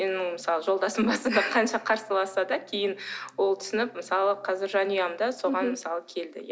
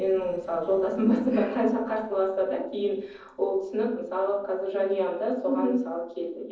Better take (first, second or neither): first